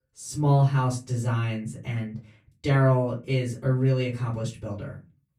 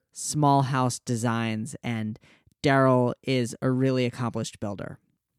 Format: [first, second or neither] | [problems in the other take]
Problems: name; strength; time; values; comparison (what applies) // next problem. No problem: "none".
second | off-mic speech; far // room echo; very slight; dies away in 0.3 s